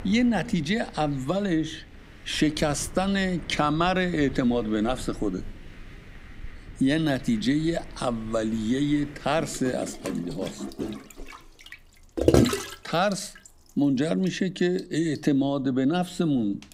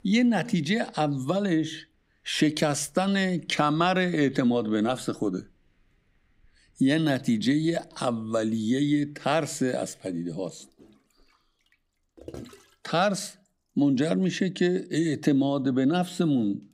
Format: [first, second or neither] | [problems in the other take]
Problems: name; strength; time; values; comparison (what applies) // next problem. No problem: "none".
second | rain or running water; loud; throughout; 6 dB below the speech; faint in the second